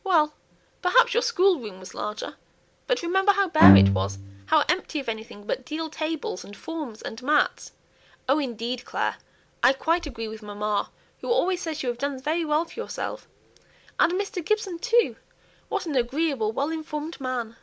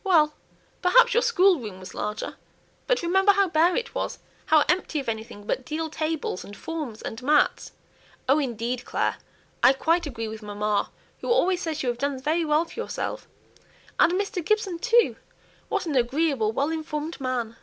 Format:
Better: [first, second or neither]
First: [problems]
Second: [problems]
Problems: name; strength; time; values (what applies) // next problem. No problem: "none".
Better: second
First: background sound (Bowed string instrument); 5 dB above the speech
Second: none